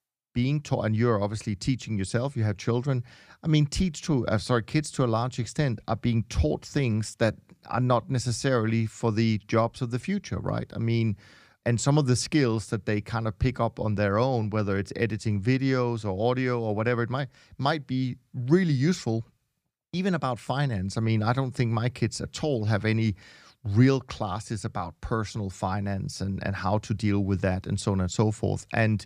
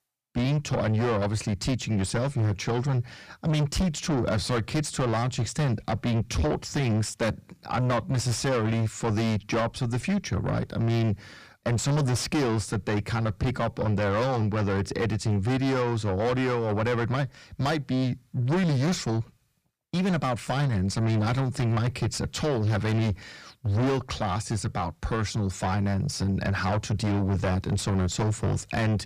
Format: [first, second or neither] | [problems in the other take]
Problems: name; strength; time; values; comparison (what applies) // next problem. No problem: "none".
first | distortion; heavy; 5 dB below the speech